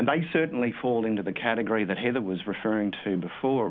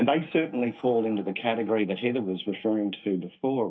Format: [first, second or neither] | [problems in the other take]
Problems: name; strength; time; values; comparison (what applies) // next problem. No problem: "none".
first | noise reduction (neural mask model DeepFilterNet 3)